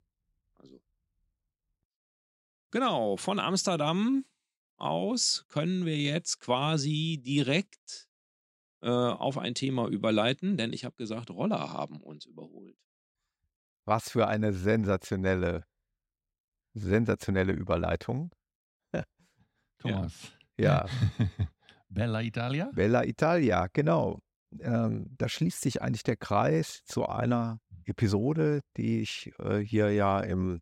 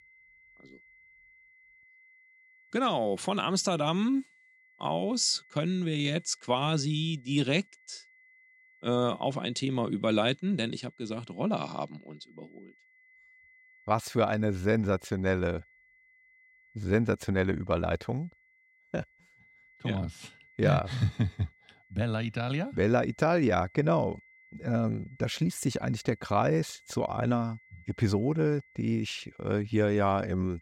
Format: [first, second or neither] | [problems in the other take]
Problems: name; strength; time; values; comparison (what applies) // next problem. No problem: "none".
first | high-pitched whine; faint; throughout; 2 kHz, 30 dB below the speech